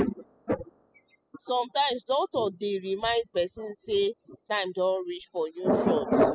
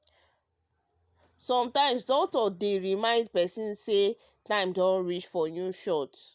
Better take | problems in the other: second | noise reduction (classical method spectral subtraction)

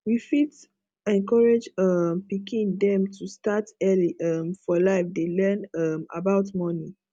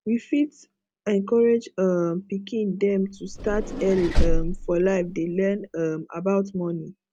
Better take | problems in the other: first | background sound (Vehicle); 1 dB below the speech

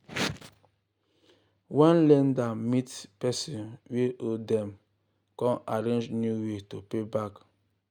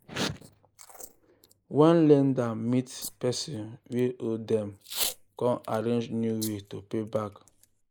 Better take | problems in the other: first | noise reduction (neural mask model Resemble Enhance denoiser)

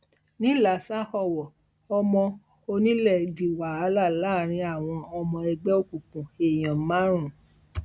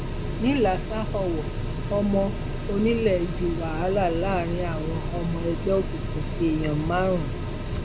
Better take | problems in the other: first | background sound (Mechanical fan); 3 dB below the speech

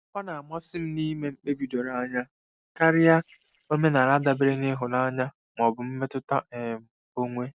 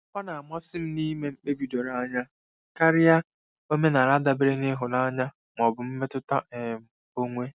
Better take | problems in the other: second | noise reduction (neural separator model SepFormer DNS4)

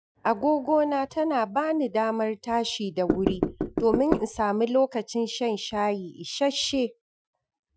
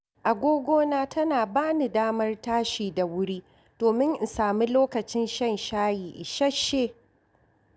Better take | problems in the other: second | noise reduction (classical method Wiener filter)

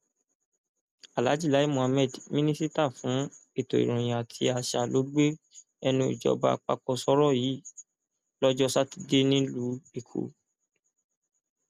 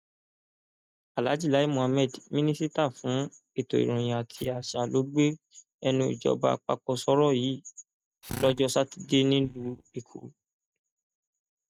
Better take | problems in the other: first | noise reduction (neural mask model DeepFilterNet 3)

